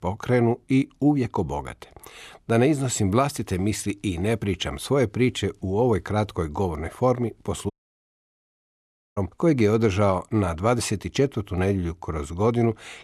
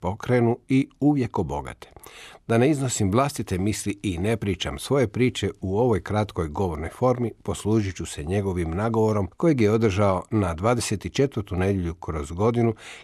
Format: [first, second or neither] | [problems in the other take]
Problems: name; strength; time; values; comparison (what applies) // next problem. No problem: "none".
second | audio cutting out; at 7.5 s for 1.5 s